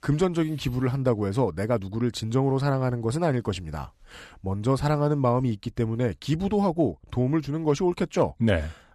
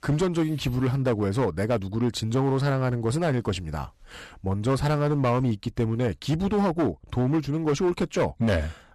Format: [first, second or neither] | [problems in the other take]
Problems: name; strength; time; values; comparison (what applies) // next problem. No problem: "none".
first | distortion; slight; 9% of the sound clipped